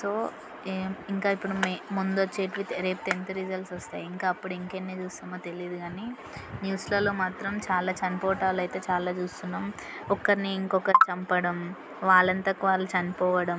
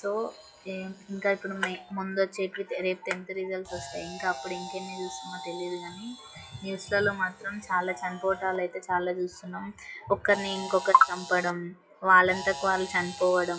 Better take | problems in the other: first | noise reduction (classical method WPE with log-MMSE)

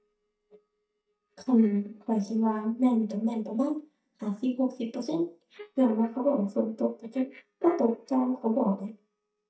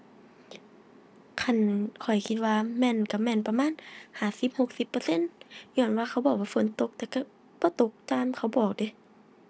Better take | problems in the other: second | noise reduction (neural mask model DeepFilterNet 3)

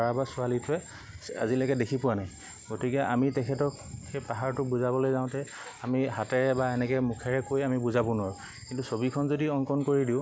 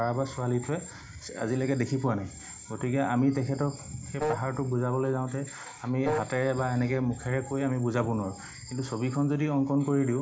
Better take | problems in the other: first | background sound (Wind instrument, woodwind instrument); 6 dB below the speech // room echo; dies away in 0.4 s

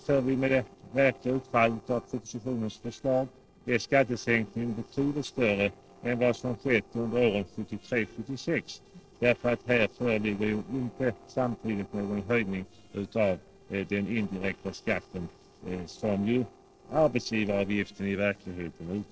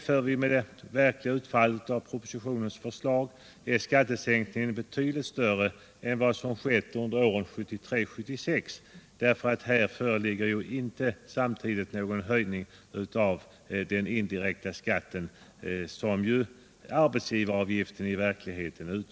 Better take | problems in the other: second | noise reduction (neural separator model SepFormer DNS4)

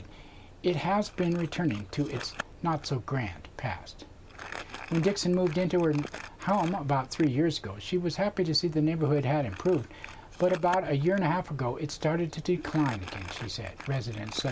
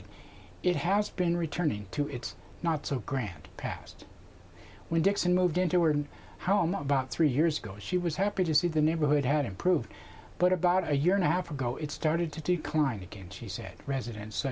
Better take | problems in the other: second | background sound (Crumpling, crinkling); 17 dB below the speech

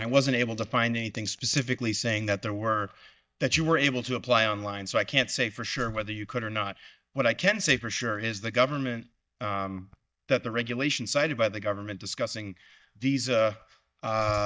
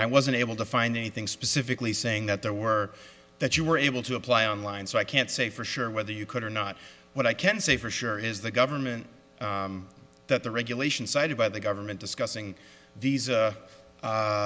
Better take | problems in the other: second | noise reduction (neural mask model DeepFilterNet 3)

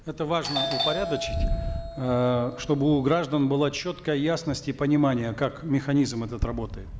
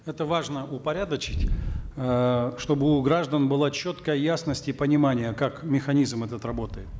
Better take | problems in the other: second | background sound (Doorbell); 10 dB below the speech

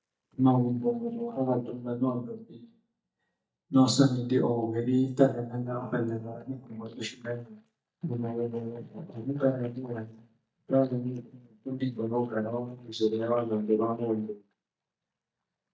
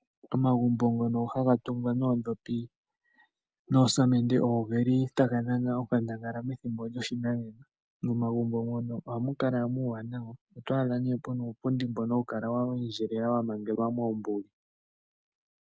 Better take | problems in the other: second | noise reduction (neural mask model DeepFilterNet 3)

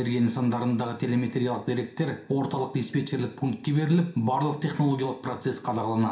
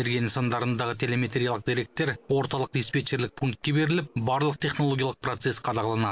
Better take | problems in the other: second | room echo; dies away in 0.5 s

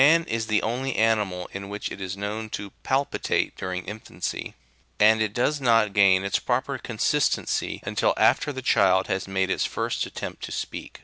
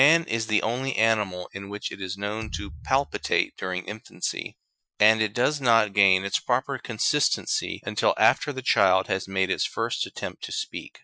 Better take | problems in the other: first | noise reduction (classical method Wiener filter)

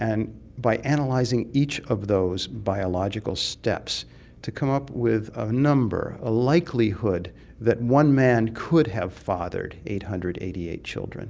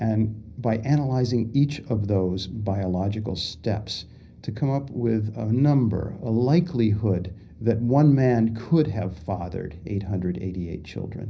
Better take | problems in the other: first | room echo; dies away in 0.5 s

